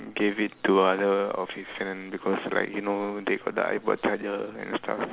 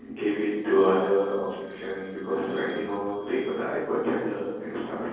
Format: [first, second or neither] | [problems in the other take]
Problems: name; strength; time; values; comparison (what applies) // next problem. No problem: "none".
first | noise reduction (neural separator model SepFormer DNS4)